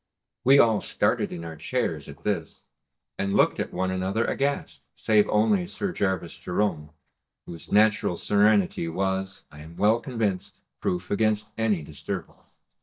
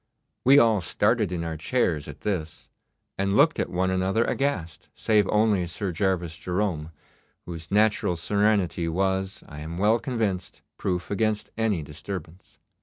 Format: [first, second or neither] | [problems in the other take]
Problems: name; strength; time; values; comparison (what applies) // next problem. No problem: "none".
second | noise reduction (neural mask model DeepFilterNet 3)